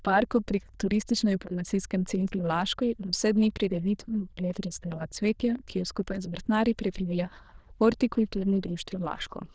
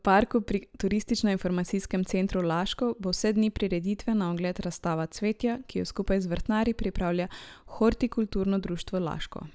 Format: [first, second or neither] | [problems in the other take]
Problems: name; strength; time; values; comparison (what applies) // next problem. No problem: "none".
second | noise reduction (neural diffusion model UNIVERSE++)